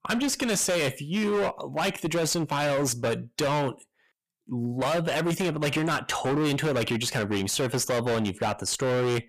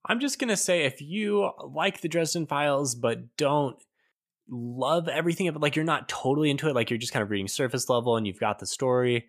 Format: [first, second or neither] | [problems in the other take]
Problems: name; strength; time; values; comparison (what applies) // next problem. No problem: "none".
second | distortion; heavy; 27% of the sound clipped